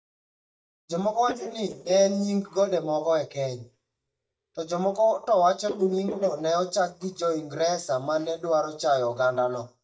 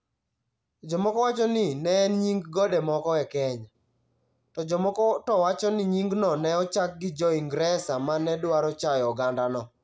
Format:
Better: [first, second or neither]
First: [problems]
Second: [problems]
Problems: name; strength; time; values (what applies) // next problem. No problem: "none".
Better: second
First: noise reduction (neural mask model DeepFilterNet 3)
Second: none